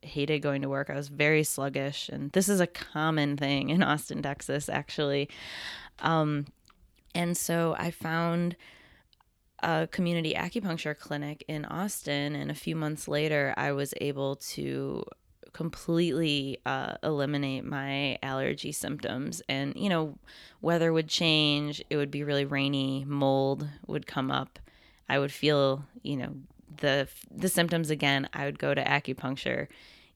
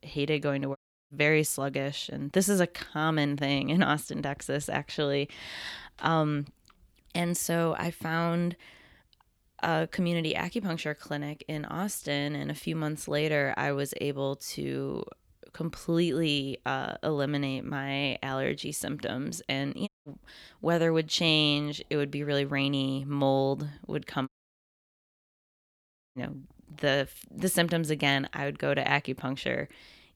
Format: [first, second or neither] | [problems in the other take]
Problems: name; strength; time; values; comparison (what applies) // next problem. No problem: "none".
first | audio cutting out; at 1 s, at 20 s and at 24 s for 2 s